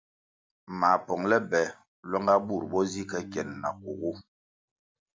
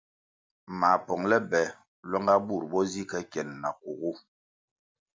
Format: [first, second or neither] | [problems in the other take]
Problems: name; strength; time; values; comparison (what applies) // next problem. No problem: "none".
second | background sound (Organ); 15 dB below the speech